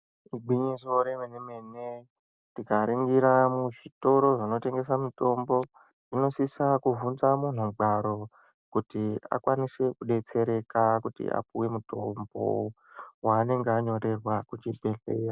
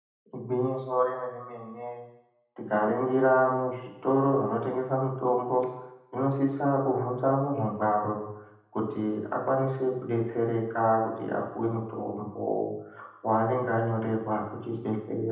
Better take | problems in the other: first | room echo; dies away in 0.8 s

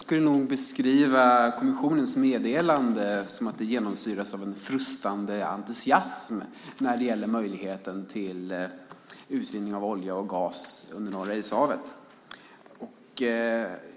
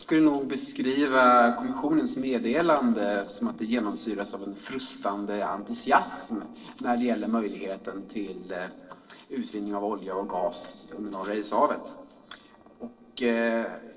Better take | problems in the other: first | noise reduction (neural separator model SepFormer DNS4)

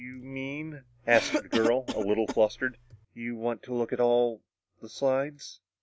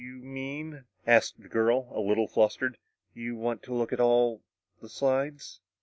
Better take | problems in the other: second | background sound (Cough); 7 dB below the speech

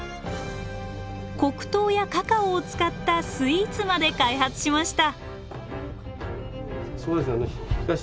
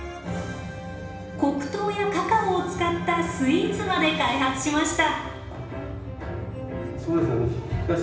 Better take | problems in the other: first | room echo; dies away in 0.9 s

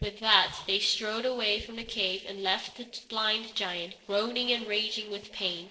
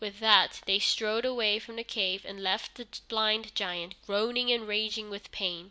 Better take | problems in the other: second | noise reduction (neural separator model SepFormer DNS4)

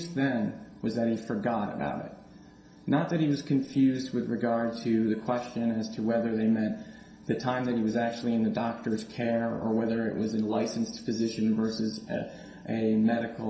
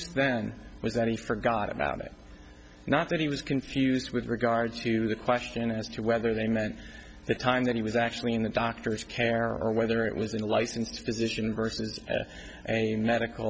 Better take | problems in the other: second | room echo; dies away in 0.7 s

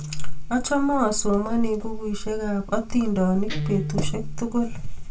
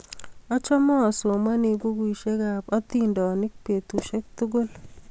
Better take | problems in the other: second | background sound (Guitar); 14 dB below the speech // room echo; dies away in 0.2 s

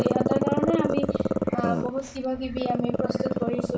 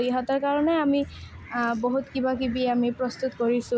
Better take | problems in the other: second | background sound (Growling); 3 dB above the speech // room echo; dies away in 0.2 s

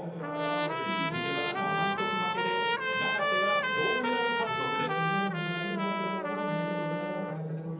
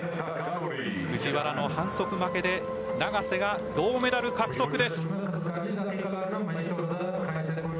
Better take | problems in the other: second | background sound (Trumpet); 4 dB above the speech // room echo; dies away in 0.8 s

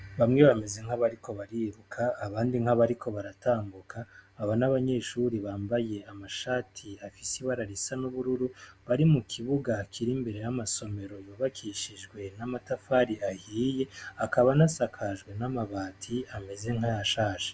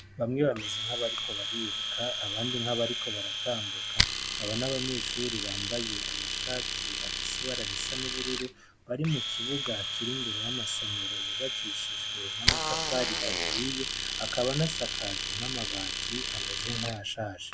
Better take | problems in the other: first | background sound (Domestic sounds, home sounds + Fart); 3 dB above the speech

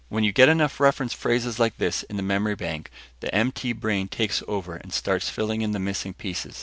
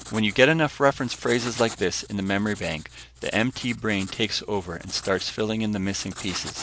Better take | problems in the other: first | background sound (Writing); 17 dB below the speech

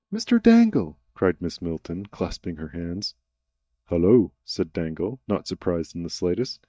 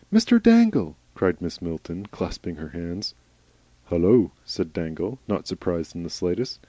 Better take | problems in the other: second | noise reduction (neural mask model DeepFilterNet 3)

